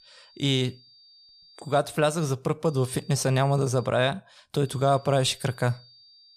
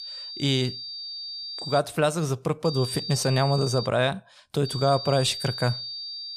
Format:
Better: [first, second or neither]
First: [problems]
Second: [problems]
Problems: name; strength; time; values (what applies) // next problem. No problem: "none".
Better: first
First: high-pitched whine; faint; until 2 s, from 2.5 to 4 s and from 4.5 s on; 4.5 kHz, 25 dB below the speech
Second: high-pitched whine; loud; until 2 s, from 2.5 to 4 s and from 4.5 s on; 4.5 kHz, 8 dB below the speech